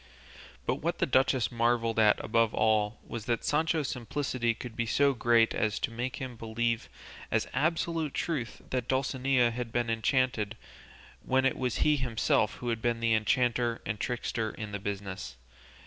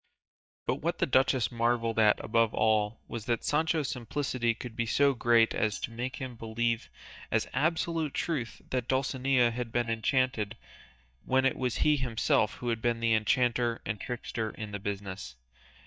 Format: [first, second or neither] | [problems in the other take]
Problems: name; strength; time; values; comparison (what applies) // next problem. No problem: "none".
first | noise reduction (neural mask model DeepFilterNet 3)